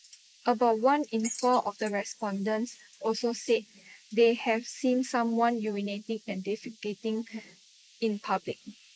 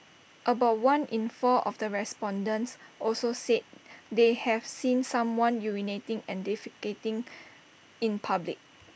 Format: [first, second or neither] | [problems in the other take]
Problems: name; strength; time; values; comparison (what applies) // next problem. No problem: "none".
second | noise reduction (neural mask model Resemble Enhance denoiser)